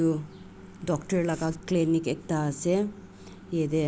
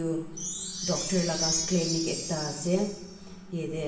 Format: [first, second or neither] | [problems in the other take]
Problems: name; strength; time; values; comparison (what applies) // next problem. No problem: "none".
first | background sound (Chime); 4 dB below the speech // room echo; dies away in 0.8 s